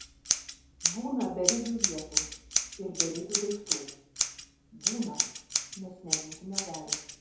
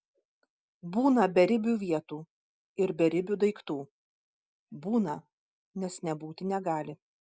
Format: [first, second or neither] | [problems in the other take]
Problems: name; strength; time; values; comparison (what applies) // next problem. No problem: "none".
second | background sound (Scissors); 5 dB above the speech // room echo; dies away in 0.8 s